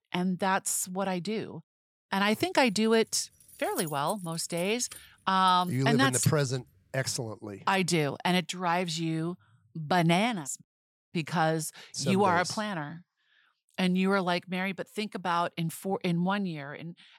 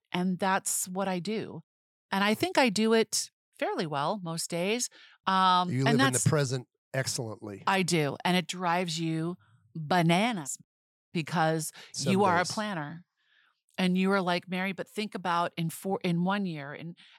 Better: second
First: jangling keys; noticeable; from 3 to 6.5 s; peak 9 dB below the speech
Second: none

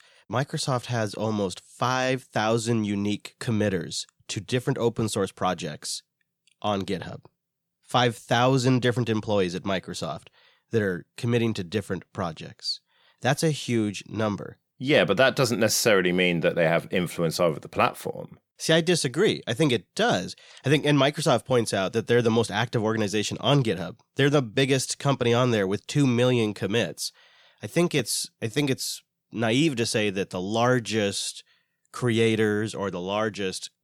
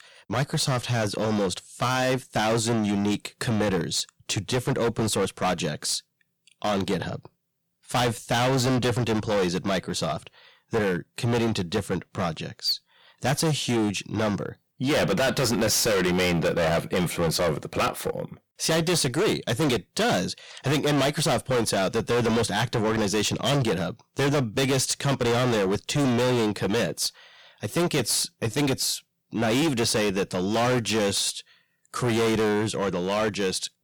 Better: first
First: none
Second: distortion; heavy; 21% of the sound clipped

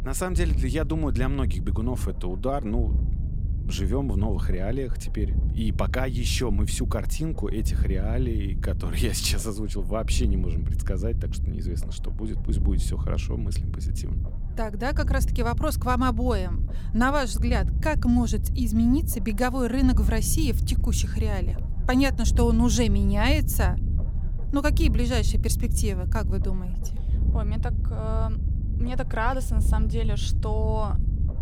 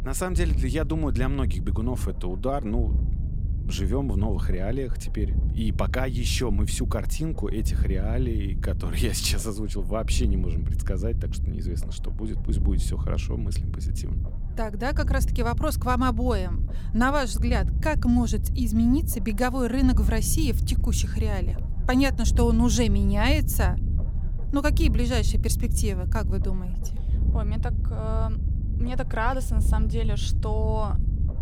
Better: neither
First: low rumble; noticeable; throughout; 15 dB below the speech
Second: low rumble; noticeable; throughout; 15 dB below the speech

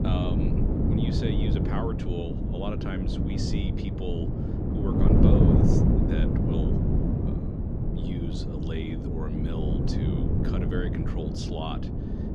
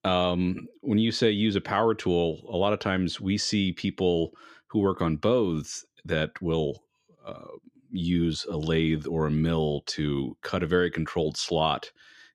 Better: second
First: wind noise on the microphone; heavy; 4 dB above the speech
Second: none

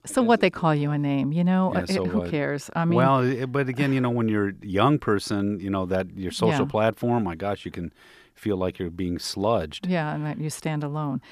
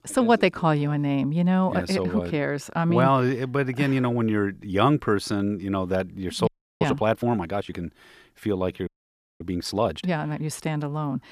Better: first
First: none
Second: audio freezing; at 6.5 s and at 9 s for 0.5 s

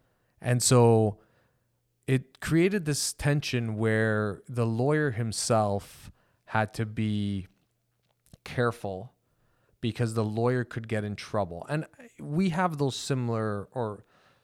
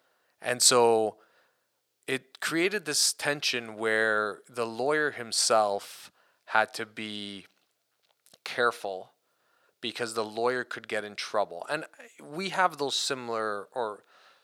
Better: first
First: none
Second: thin; very; fading below 500 Hz

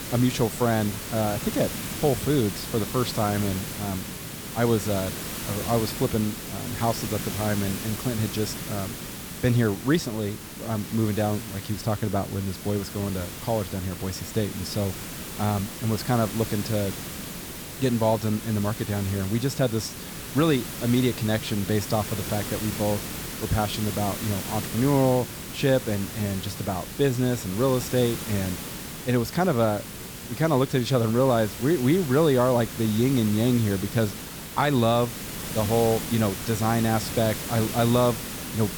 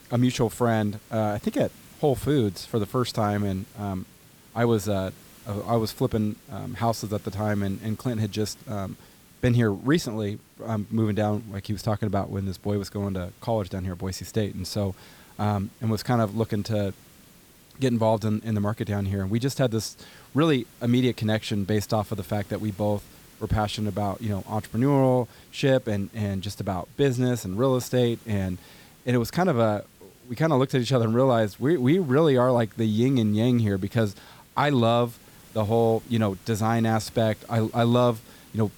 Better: second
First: hiss; loud; throughout; 8 dB below the speech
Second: hiss; faint; throughout; 25 dB below the speech

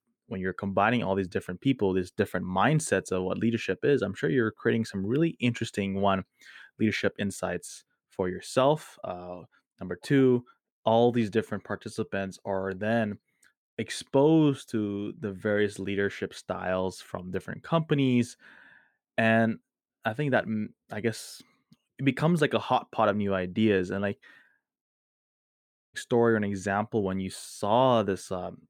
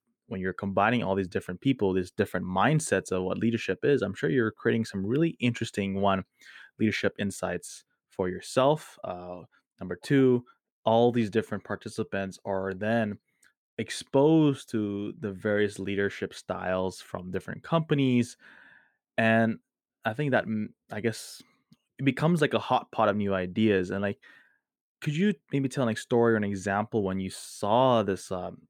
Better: second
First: audio cutting out; at 25 s for 1 s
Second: none

